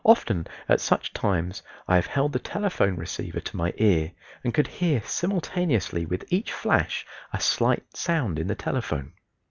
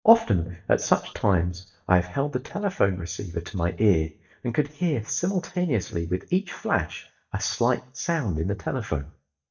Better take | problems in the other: first | noise reduction (neural mask model DeepFilterNet 3)

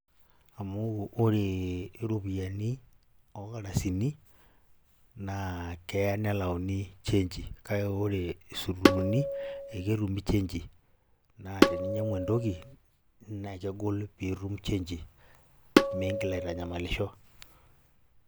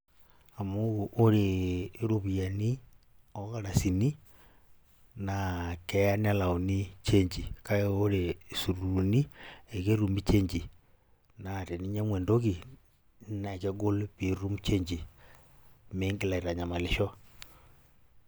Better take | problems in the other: second | background sound (Tabla); 5 dB above the speech

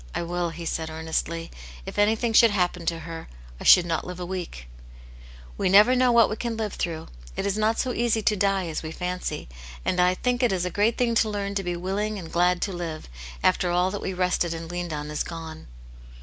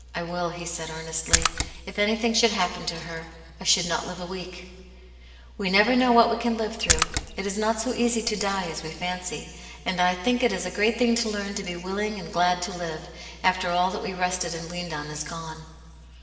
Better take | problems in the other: first | background sound (Splash, splatter); 1 dB above the speech // room echo; dies away in 1.7 s

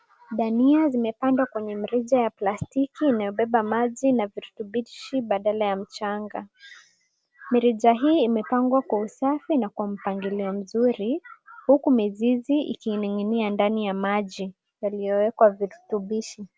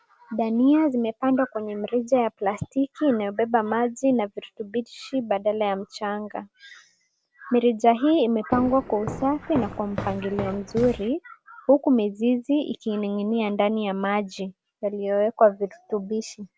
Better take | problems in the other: first | background sound (Walk, footsteps); 10 dB below the speech

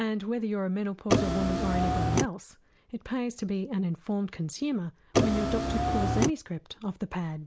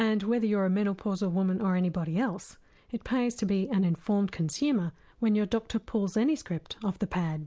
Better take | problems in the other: second | background sound (Car); 5 dB above the speech

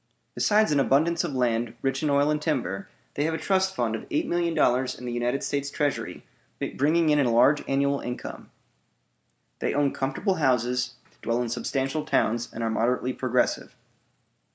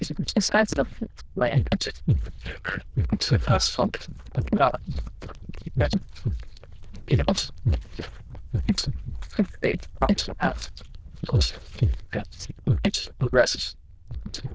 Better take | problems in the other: first | noise reduction (neural diffusion model UNIVERSE++)

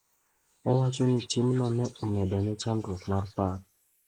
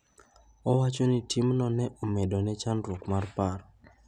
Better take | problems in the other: second | noise reduction (neural mask model Resemble Enhance denoiser)

